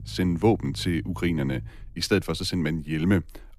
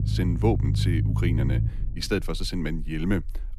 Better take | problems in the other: first | low rumble; loud; throughout; 7 dB below the speech; faint in the first

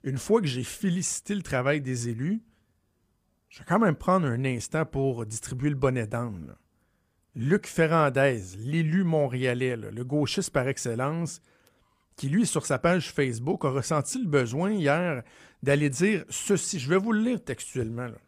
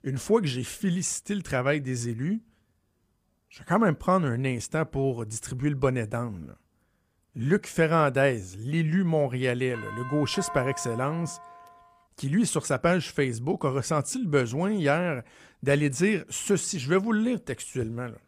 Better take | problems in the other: first | doorbell; noticeable; from 9.5 to 12 s; peak 9 dB below the speech

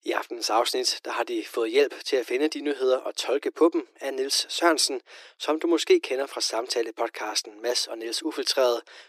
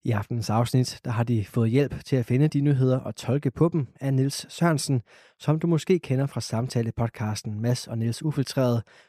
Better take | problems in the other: second | thin; very; fading below 300 Hz

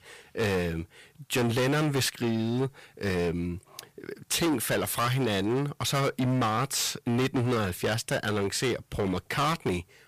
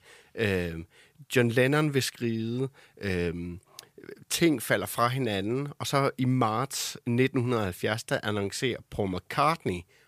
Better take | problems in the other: second | distortion; heavy; 17% of the sound clipped

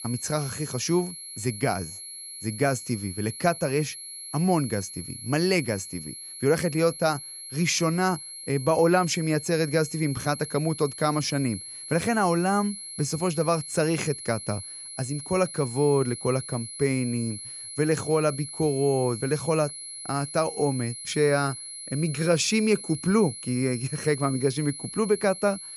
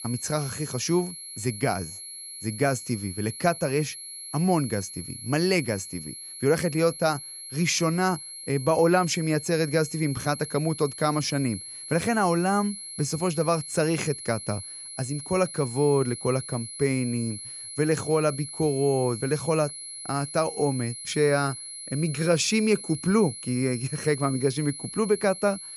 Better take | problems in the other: neither | high-pitched whine; noticeable; throughout; 11 kHz, 10 dB below the speech; the same in both

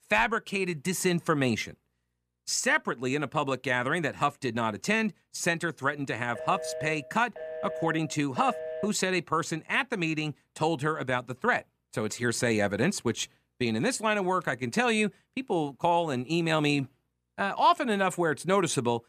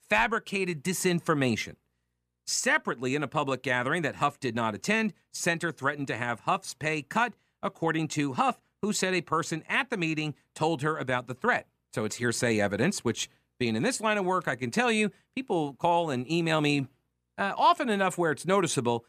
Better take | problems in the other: second | phone ringing; noticeable; from 6.5 to 9 s; peak 8 dB below the speech

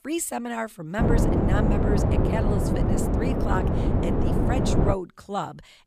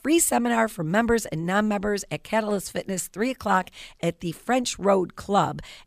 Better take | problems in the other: second | wind noise on the microphone; heavy; from 1 to 5 s; 3 dB above the speech

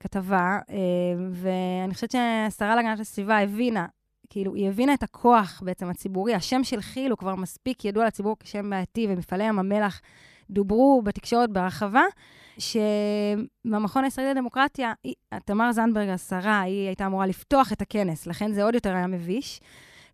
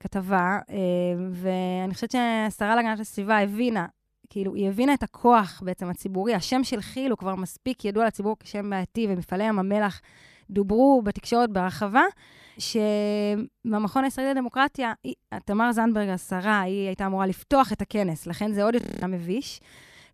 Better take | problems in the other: first | audio freezing; at 19 s

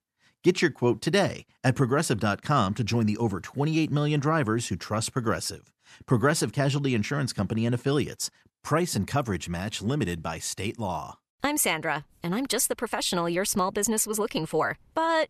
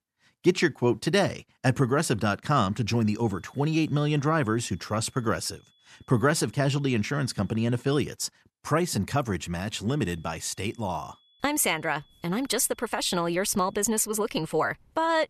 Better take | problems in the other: first | high-pitched whine; faint; from 3 to 8 s and from 10 to 14 s; 3.5 kHz, 35 dB below the speech

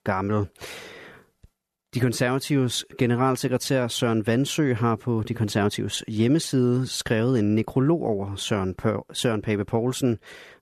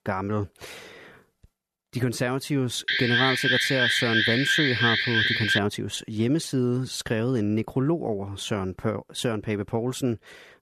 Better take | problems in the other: first | alarm; loud; from 3 to 5.5 s; peak 6 dB above the speech

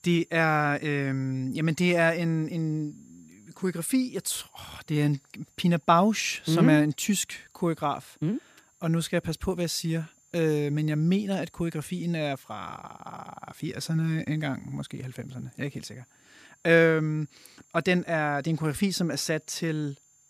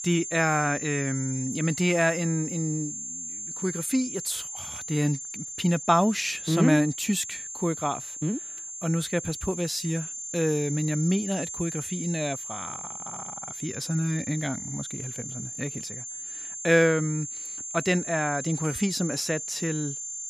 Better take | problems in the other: first | high-pitched whine; loud; throughout; 7 kHz, 6 dB below the speech; faint in the first

